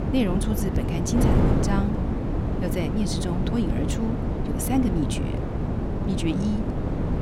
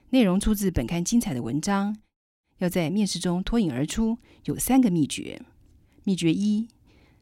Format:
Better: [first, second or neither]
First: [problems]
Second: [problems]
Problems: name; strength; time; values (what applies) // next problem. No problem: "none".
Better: second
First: wind noise on the microphone; heavy; as loud as the speech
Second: none